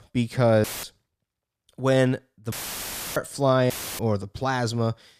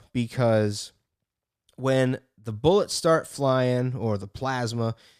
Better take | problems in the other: second | audio cutting out; filled with static; at 0.5 s, at 2.5 s for 0.5 s and at 3.5 s

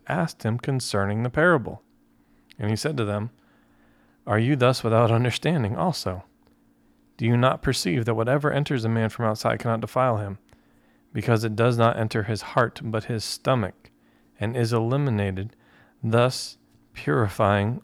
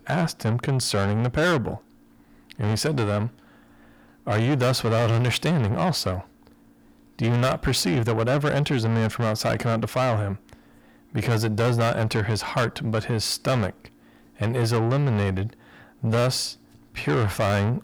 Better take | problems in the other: first | distortion; heavy; 7 dB below the speech

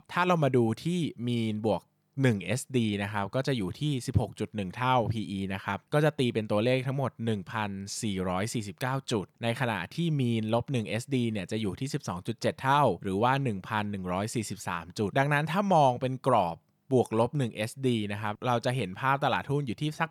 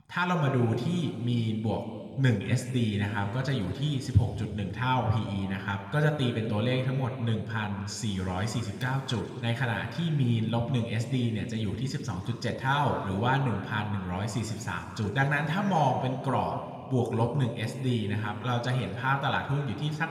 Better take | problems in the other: first | room echo; slight; dies away in 2.5 s

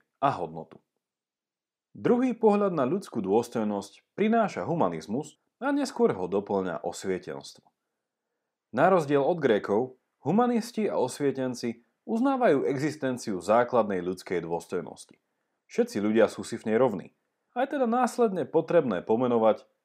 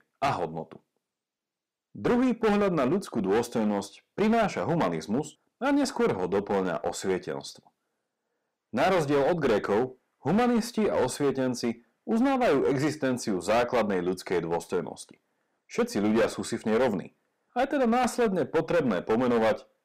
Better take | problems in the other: first | distortion; heavy; 12% of the sound clipped

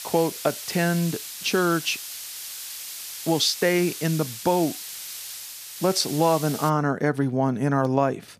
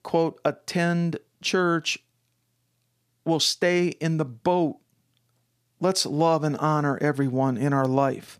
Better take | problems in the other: second | hiss; loud; until 6.5 s; 10 dB below the speech

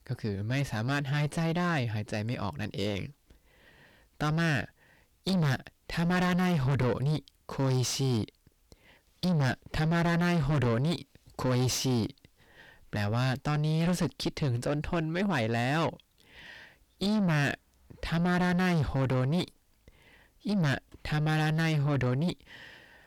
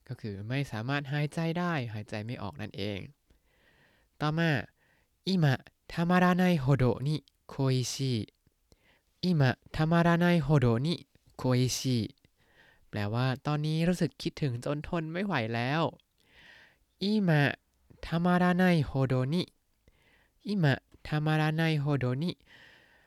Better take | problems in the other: second | distortion; heavy; 4 dB below the speech

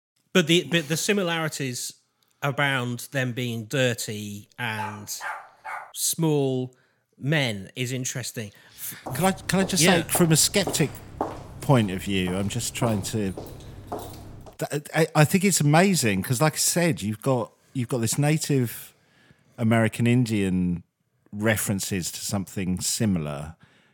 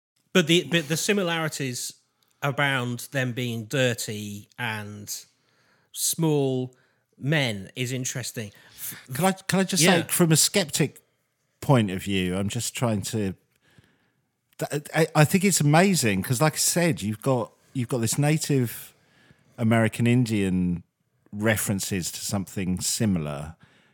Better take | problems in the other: second | dog barking; faint; from 5 to 6 s; peak 10 dB below the speech // footsteps; noticeable; from 9 to 14 s; peak 9 dB below the speech

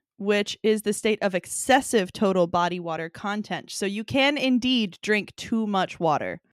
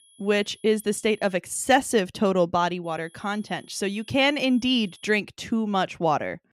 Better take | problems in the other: first | high-pitched whine; faint; until 1.5 s and from 3 to 5 s; 10.5 kHz, 30 dB below the speech

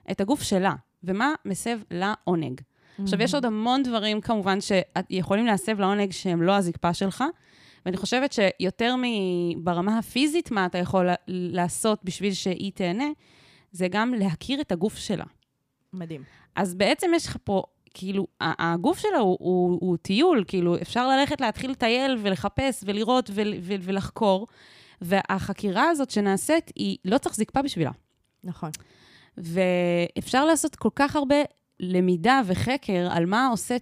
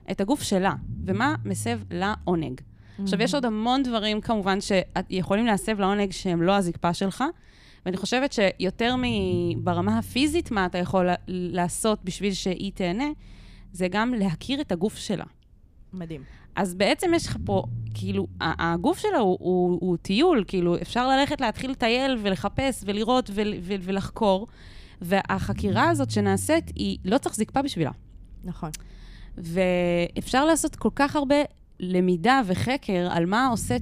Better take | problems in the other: first | low rumble; faint; throughout; 25 dB below the speech

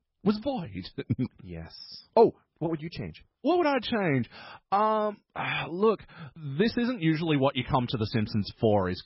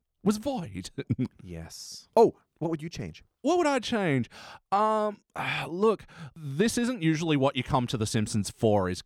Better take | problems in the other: second | garbled, watery; badly; nothing above 5.5 kHz

